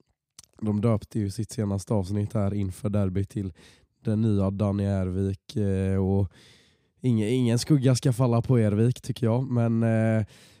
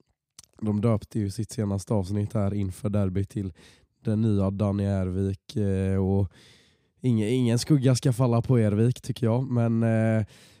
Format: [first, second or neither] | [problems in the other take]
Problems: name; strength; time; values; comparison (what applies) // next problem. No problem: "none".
neither | none